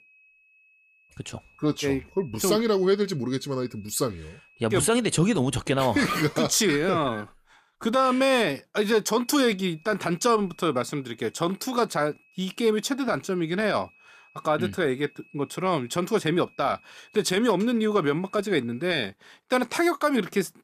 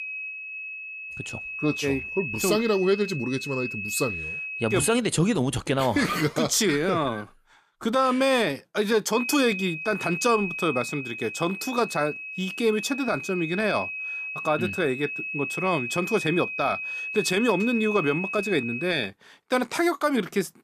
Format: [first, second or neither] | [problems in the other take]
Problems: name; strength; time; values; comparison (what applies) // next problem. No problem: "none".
first | high-pitched whine; loud; until 5 s and from 9 to 19 s; 2.5 kHz, 6 dB below the speech; faint in the first